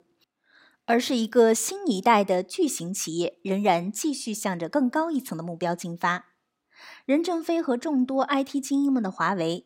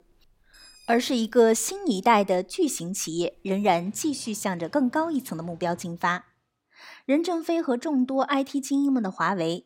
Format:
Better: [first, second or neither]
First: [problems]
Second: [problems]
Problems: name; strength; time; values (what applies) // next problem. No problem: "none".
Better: first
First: none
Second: animal sounds; faint; until 6 s; 30 dB below the speech